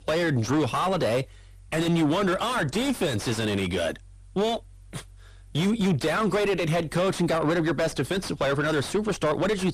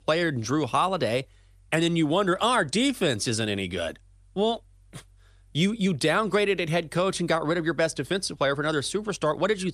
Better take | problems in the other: second | distortion; heavy; 5 dB below the speech

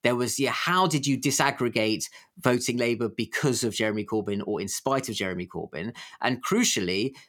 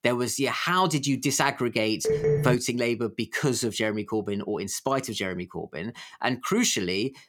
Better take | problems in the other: first | phone ringing; loud; at 2 s; peak 2 dB above the speech

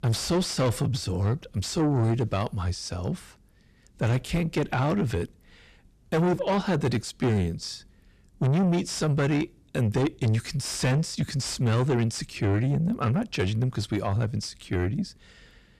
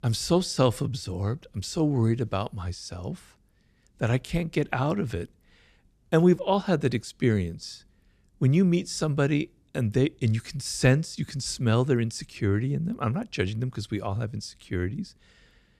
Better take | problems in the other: second | distortion; heavy; 7 dB below the speech

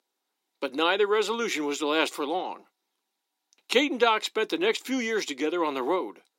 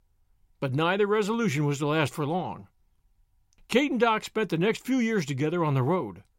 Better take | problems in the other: second | thin; somewhat; fading below 250 Hz

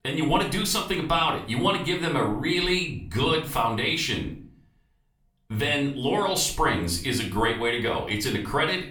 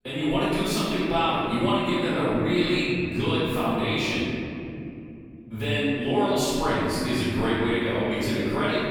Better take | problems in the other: first | room echo; strong; dies away in 3 s; slight in the first // off-mic speech; far; somewhat distant in the first

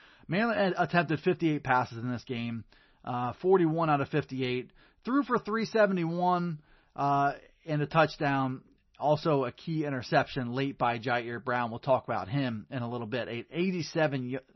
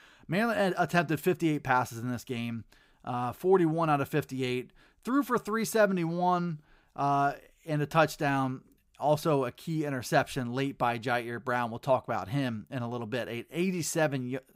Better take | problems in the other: second | garbled, watery; slightly; nothing above 6 kHz

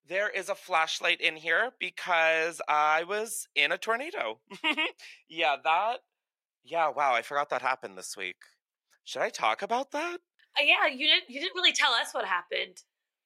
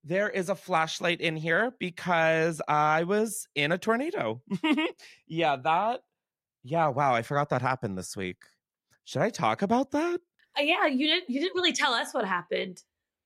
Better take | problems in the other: second | thin; very; fading below 600 Hz

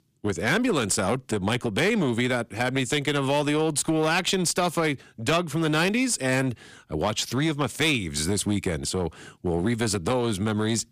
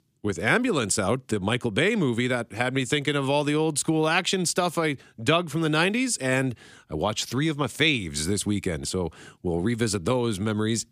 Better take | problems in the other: second | distortion; slight; 7% of the sound clipped

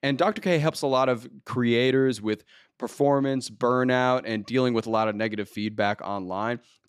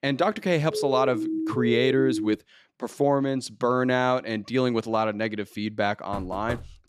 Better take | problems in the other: first | siren; noticeable; from 0.5 to 2.5 s; peak 3 dB below the speech // door banging; faint; at 6 s; peak 10 dB below the speech

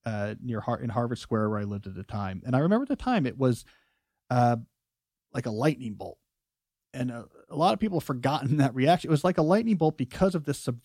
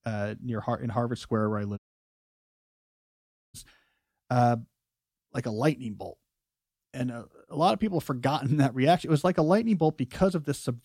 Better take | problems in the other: first | audio cutting out; at 2 s for 2 s

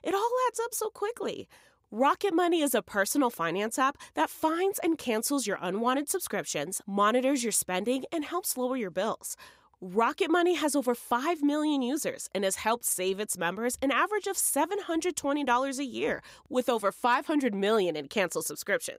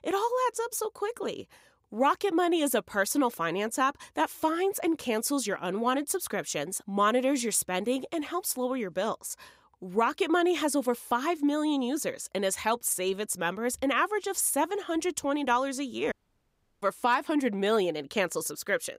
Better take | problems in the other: first | audio cutting out; at 16 s for 0.5 s

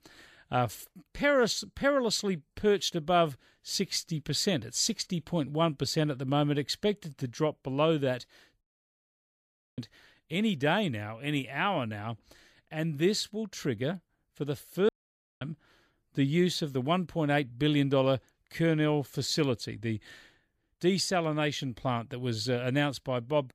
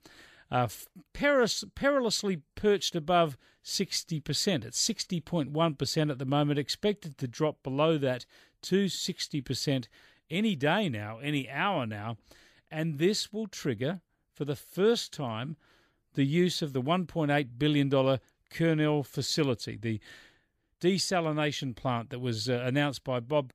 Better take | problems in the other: second | audio cutting out; at 8.5 s for 1 s and at 15 s for 0.5 s

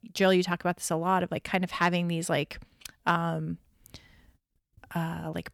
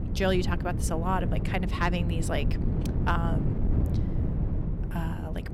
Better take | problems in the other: first | wind noise on the microphone; heavy; 8 dB below the speech

